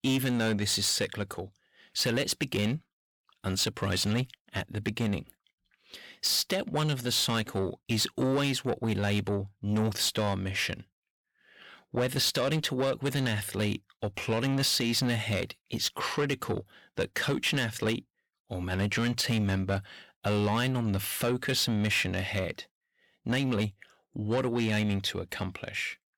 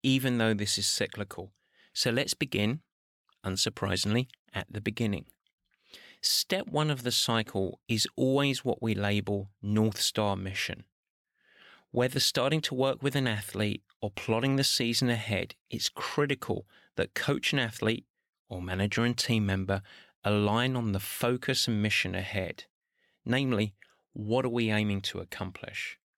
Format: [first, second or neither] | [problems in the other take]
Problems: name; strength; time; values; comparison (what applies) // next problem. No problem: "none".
second | distortion; slight; 10 dB below the speech